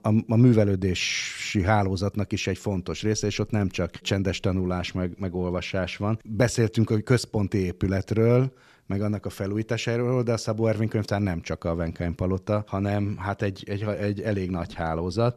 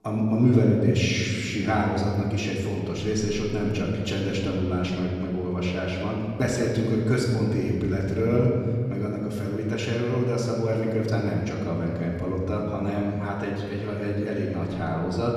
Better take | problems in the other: first | off-mic speech; far // room echo; noticeable; dies away in 2.1 s

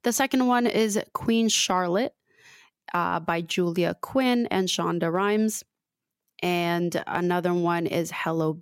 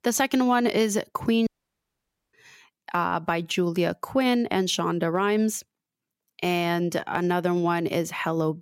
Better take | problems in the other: first | audio cutting out; at 1.5 s for 1 s

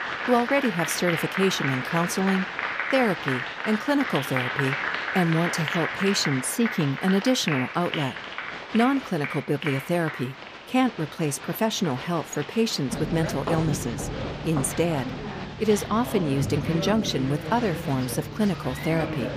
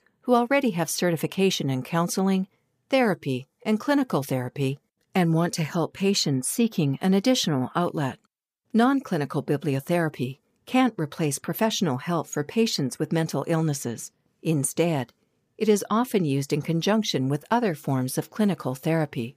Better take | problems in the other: second | crowd noise; loud; throughout; 5 dB below the speech

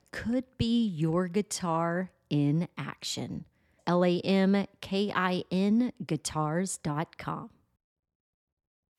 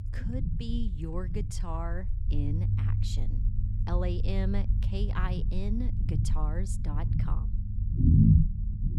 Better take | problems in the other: first | low rumble; loud; throughout; as loud as the speech

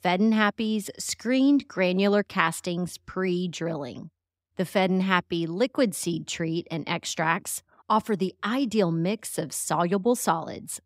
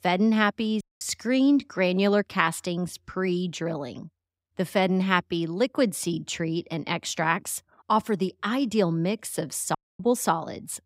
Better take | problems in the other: first | audio cutting out; at 1 s and at 10 s

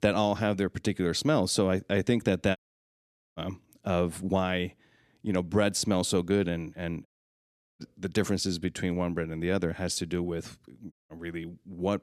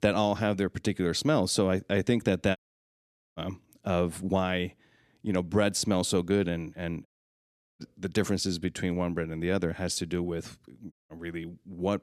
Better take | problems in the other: neither | audio cutting out; at 2.5 s for 1 s, at 7 s for 0.5 s and at 11 s; the same in both

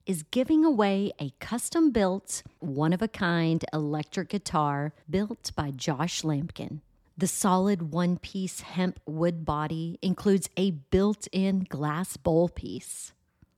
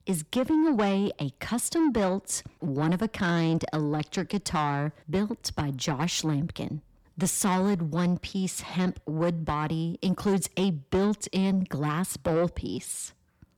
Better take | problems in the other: first | distortion; slight; 10 dB below the speech

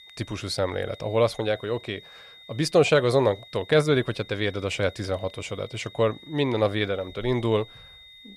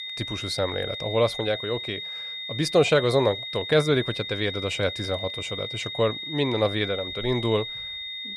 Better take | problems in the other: first | high-pitched whine; loud; throughout; 3.5 kHz, 6 dB below the speech; faint in the first

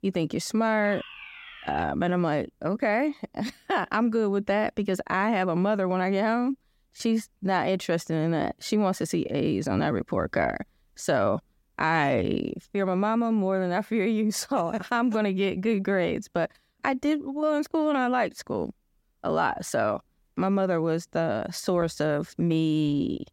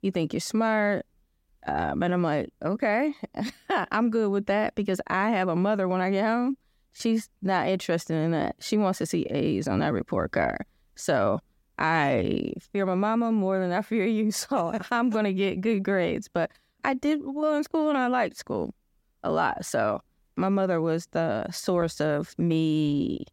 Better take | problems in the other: second | alarm; faint; from 1 to 2 s; peak 15 dB below the speech

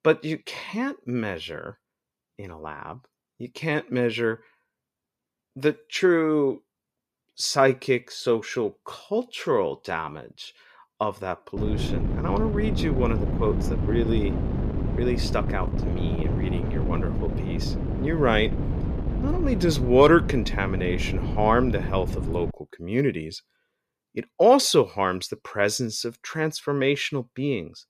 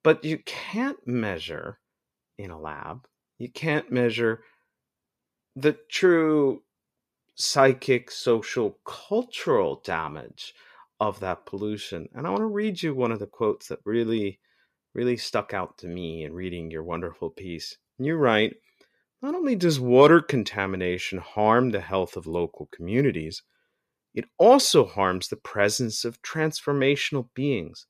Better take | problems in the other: second | wind noise on the microphone; occasional gusts; from 12 to 23 s; 10 dB below the speech

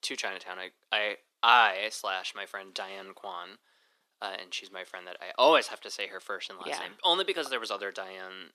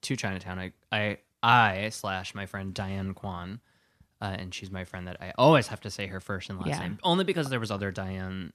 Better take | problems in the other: second | thin; very; fading below 350 Hz

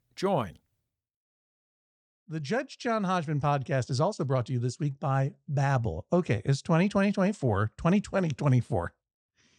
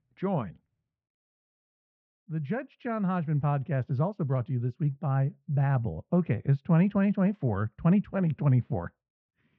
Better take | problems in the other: first | muffled; very; fading above 2.5 kHz

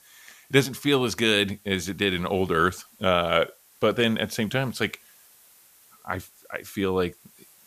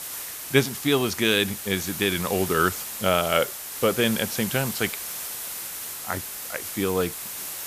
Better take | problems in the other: first | hiss; loud; throughout; 7 dB below the speech; faint in the first

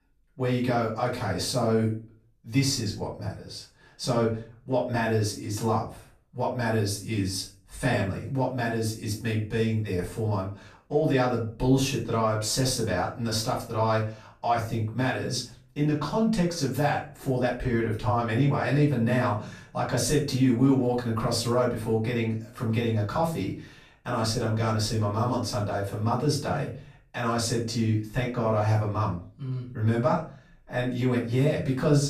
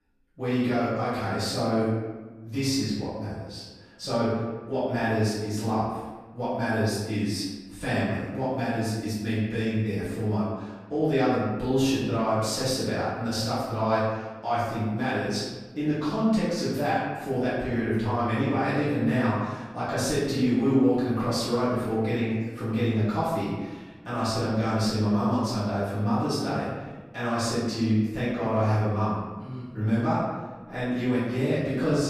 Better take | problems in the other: first | room echo; strong; dies away in 1.1 s; slight in the first // off-mic speech; far; far in the first

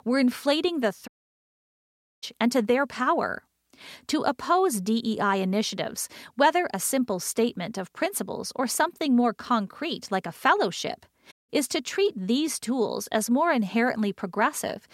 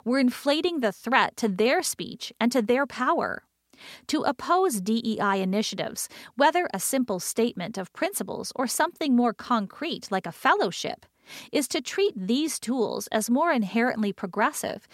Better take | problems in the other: second | audio cutting out; at 1 s for 1 s and at 11 s

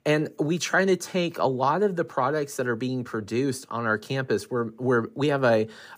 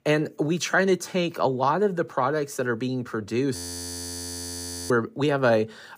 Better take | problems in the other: first | audio freezing; at 3.5 s for 1.5 s

